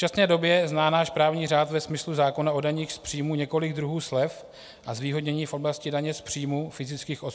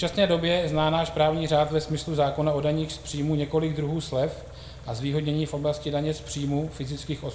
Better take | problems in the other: first | background sound (Idling / Car); 17 dB below the speech // room echo; dies away in 0.9 s

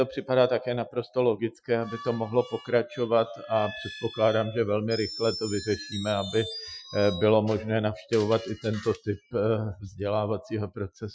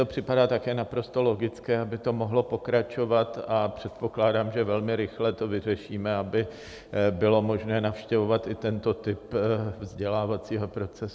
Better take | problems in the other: second | noise reduction (classical method Wiener filter)

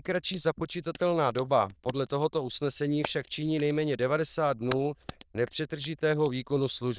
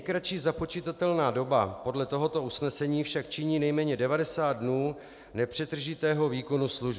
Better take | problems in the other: second | noise reduction (neural diffusion model UNIVERSE++)

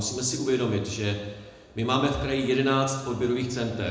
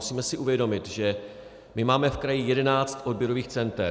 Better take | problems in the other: second | room echo; dies away in 0.9 s

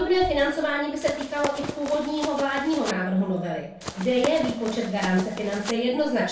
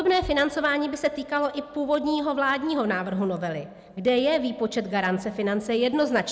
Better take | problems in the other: second | background sound (Run); 10 dB below the speech // room echo; dies away in 0.3 s

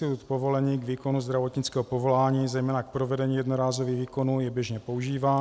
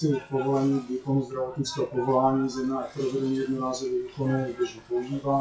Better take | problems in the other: first | noise reduction (classical method WPE with log-MMSE)

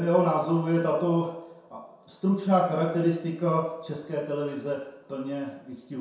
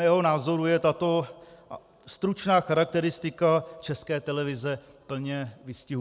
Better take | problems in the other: second | room echo; dies away in 0.7 s

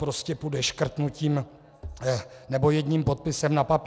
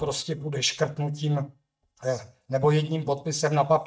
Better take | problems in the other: first | noise reduction (neural mask model DeepFilterNet 3)

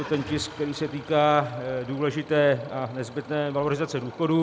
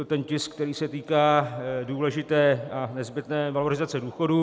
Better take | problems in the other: second | background sound (Idling / Engine starting); 18 dB below the speech

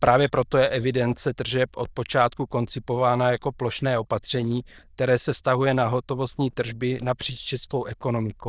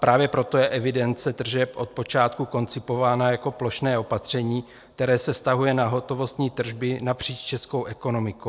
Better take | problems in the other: second | noise reduction (neural diffusion model UNIVERSE++)

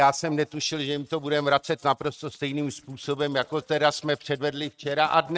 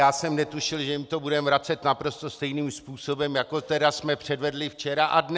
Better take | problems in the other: second | noise reduction (neural mask model RNNoise)

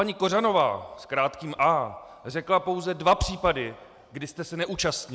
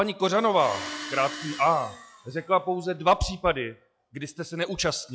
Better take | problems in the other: first | noise reduction (classical method log-MMSE)

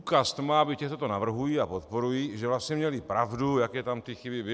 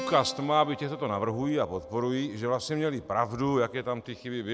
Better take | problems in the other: first | background sound (Keyboard (musical)); 15 dB below the speech

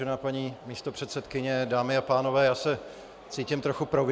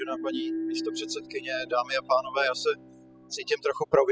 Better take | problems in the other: first | noise reduction (classical method spectral subtraction)

